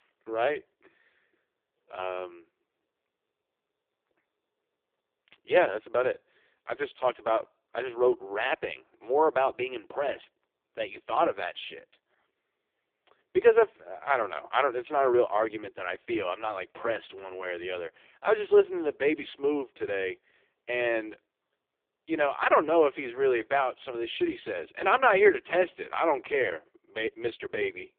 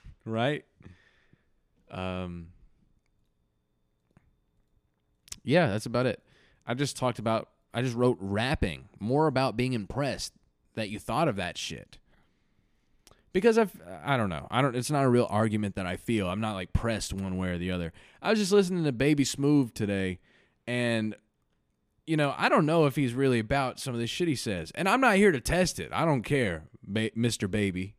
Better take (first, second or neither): second